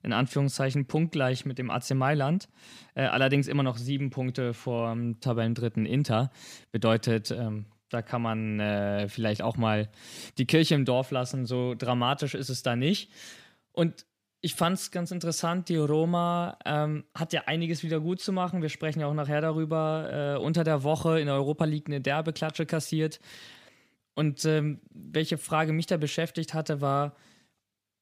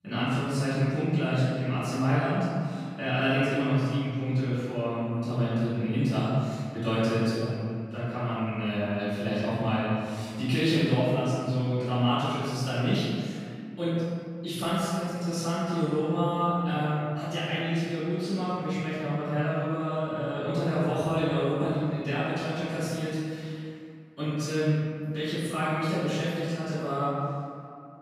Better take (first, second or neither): first